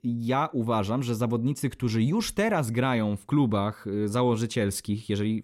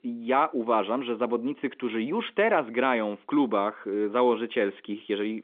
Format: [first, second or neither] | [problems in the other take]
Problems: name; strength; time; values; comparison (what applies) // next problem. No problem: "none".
first | phone-call audio; nothing above 3.5 kHz